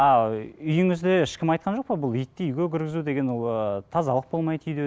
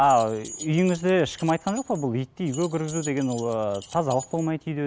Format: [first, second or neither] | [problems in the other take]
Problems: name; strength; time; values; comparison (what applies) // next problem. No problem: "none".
first | background sound (Keys jangling); 18 dB below the speech